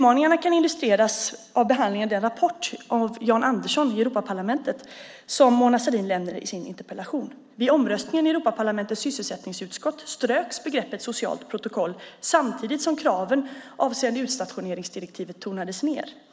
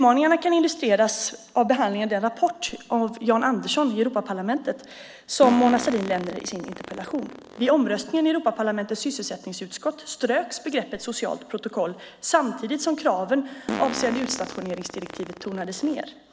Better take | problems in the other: first | background sound (Fart); 16 dB below the speech

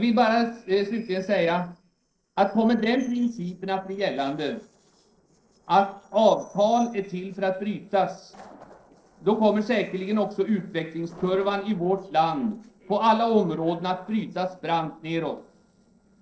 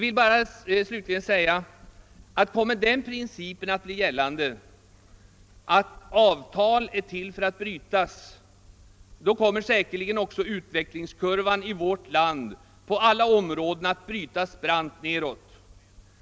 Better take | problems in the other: second | noise reduction (neural separator model SepFormer DNS4)

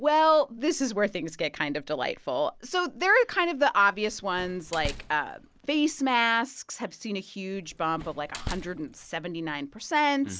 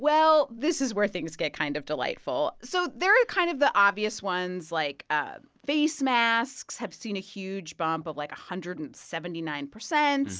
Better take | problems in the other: second | background sound (Slam); 14 dB below the speech

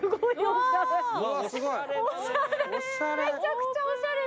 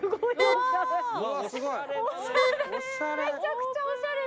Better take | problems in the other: first | background sound (Wind instrument, woodwind instrument); 1 dB below the speech

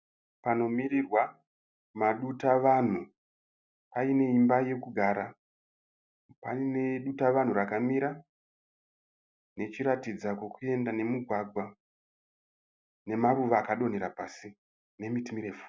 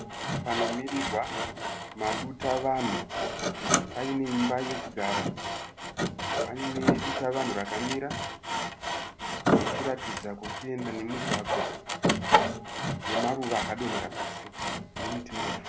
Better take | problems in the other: first | background sound (Sawing); 3 dB above the speech

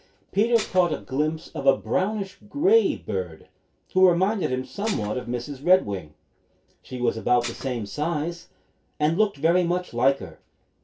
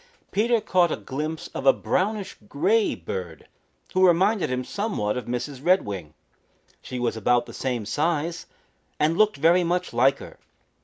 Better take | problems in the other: second | background sound (Dishes, pots, and pans); 16 dB below the speech // room echo; dies away in 0.2 s

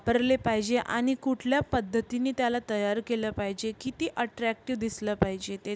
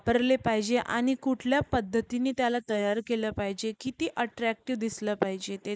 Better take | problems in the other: first | noise reduction (neural mask model Resemble Enhance denoiser)

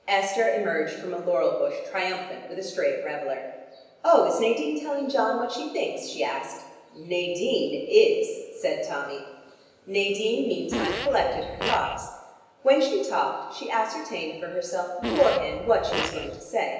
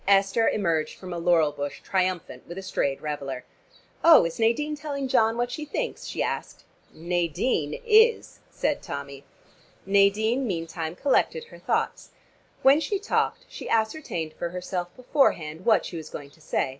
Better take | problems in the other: second | background sound (Fart); 5 dB below the speech // room echo; dies away in 1 s

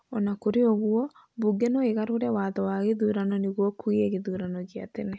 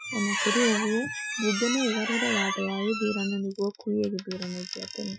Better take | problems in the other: first | noise reduction (classical method Wiener filter)

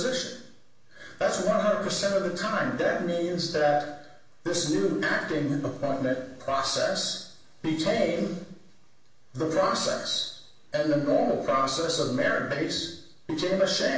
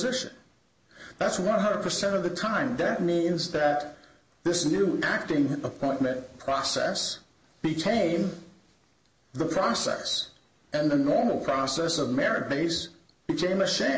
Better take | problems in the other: second | room echo; dies away in 0.6 s

